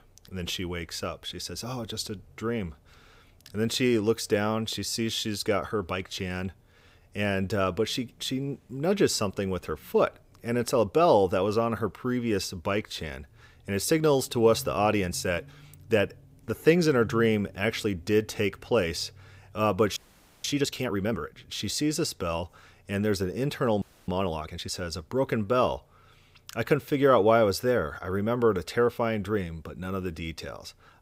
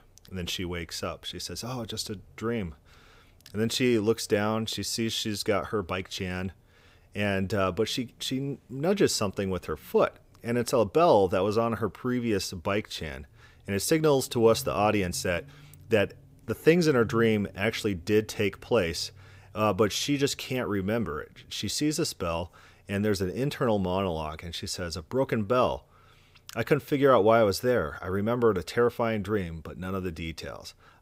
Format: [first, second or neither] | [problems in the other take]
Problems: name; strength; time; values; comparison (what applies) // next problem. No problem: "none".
second | audio freezing; at 20 s and at 24 s